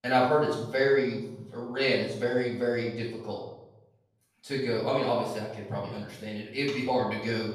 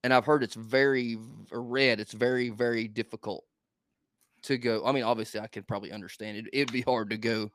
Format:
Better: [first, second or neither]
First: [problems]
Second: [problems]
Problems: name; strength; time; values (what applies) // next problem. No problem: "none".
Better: second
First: off-mic speech; far // room echo; noticeable; dies away in 0.7 s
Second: none